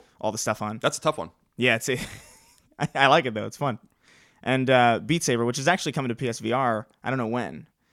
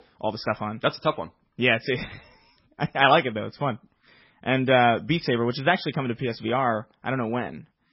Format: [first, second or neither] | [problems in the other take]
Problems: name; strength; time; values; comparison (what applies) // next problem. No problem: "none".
first | garbled, watery; badly; nothing above 5.5 kHz